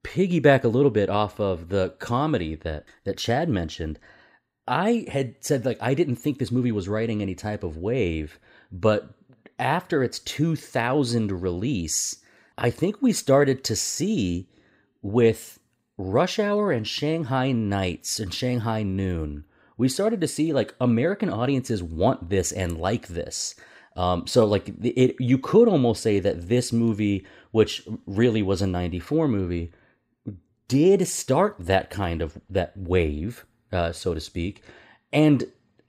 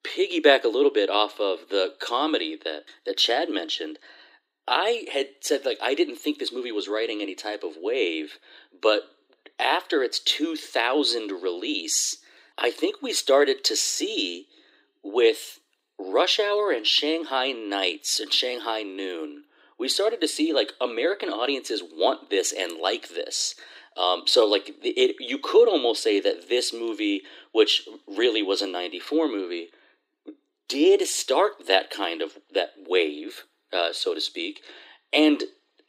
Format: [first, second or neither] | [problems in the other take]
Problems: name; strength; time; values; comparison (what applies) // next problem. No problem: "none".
first | thin; somewhat; fading below 300 Hz